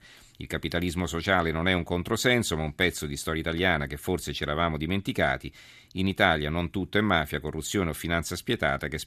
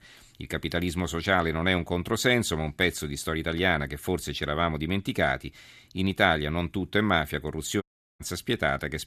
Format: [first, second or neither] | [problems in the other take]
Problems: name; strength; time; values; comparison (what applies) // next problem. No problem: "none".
first | audio cutting out; at 8 s